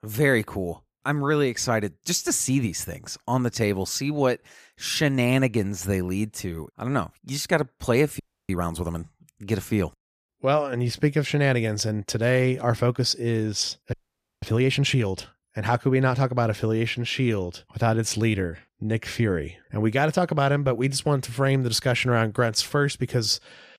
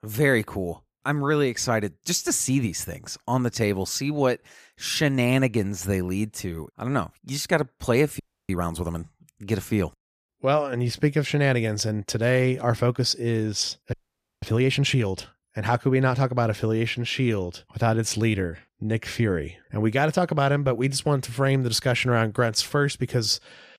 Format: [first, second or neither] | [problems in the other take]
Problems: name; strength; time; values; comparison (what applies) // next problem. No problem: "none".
neither | audio freezing; at 8 s and at 14 s; the same in both